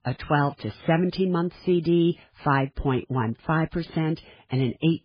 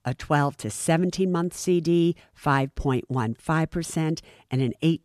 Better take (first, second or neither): second